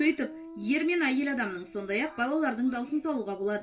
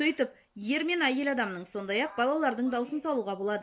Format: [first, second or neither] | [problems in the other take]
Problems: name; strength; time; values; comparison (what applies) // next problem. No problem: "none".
second | background sound (Guitar); 19 dB below the speech // room echo; dies away in 0.2 s